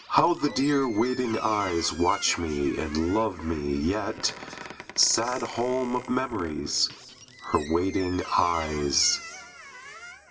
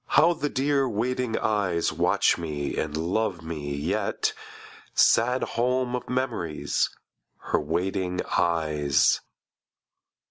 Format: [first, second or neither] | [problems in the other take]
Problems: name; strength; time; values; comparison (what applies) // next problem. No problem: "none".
second | background sound (Squeak); 16 dB below the speech // room echo; dies away in 2.5 s